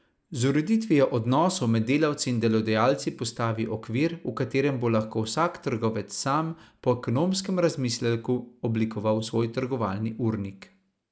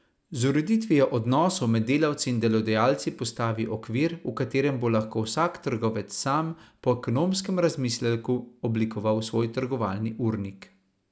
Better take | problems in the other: second | noise reduction (neural mask model Resemble Enhance denoiser)

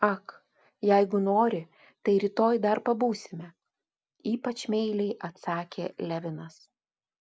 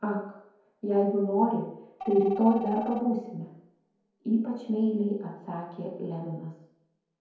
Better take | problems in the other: first | background sound (Telephone); 14 dB below the speech // room echo; dies away in 0.9 s

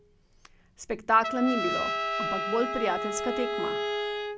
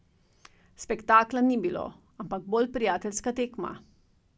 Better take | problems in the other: second | background sound (Trumpet + Bowed string instrument); 1 dB below the speech

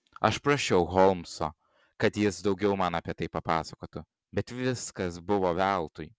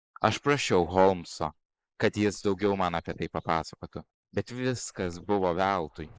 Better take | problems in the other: first | noise reduction (neural mask model Resemble Enhance denoiser)

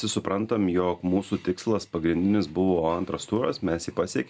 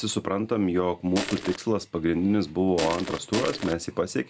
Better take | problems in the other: first | background sound (Crushing); 6 dB below the speech

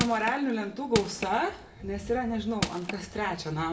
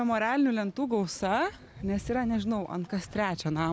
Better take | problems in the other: second | background sound (Crushing); 6 dB below the speech // room echo; dies away in 0.5 s

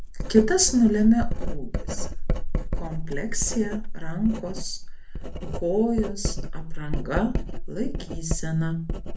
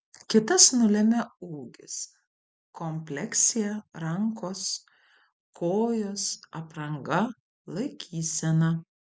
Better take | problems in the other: second | background sound (Writing); 1 dB below the speech // room echo; dies away in 0.3 s

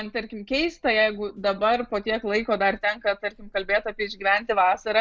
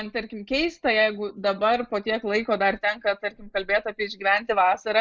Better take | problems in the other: first | noise reduction (neural mask model Resemble Enhance denoiser)

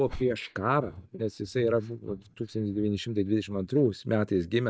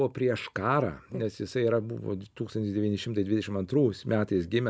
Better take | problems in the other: second | noise reduction (neural mask model DeepFilterNet 3)

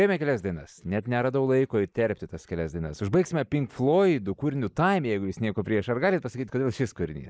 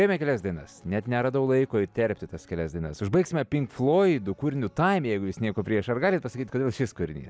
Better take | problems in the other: second | noise reduction (neural mask model Resemble Enhance denoiser)

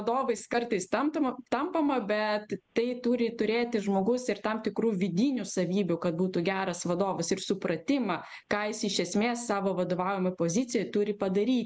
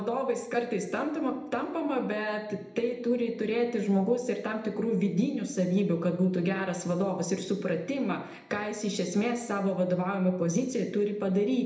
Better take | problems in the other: first | room echo; dies away in 0.8 s

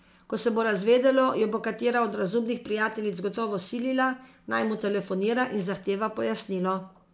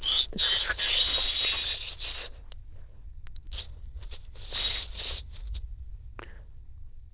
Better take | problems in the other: first | noise reduction (neural diffusion model UNIVERSE++)

